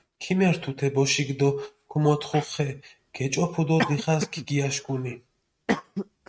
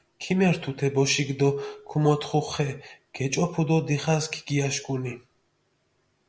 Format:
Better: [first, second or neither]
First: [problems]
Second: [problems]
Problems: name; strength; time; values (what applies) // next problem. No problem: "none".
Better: second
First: noise reduction (neural mask model RNNoise)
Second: none